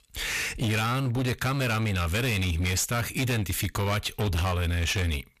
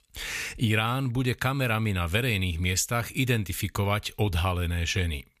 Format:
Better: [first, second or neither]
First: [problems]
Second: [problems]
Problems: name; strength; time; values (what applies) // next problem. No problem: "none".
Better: second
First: distortion; heavy; 27% of the sound clipped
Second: none